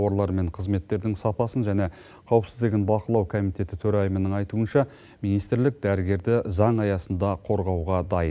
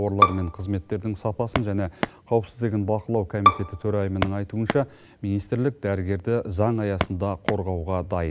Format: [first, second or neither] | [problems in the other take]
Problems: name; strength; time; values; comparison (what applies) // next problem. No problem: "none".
first | background sound (Bowed string instrument + Walk, footsteps); 1 dB below the speech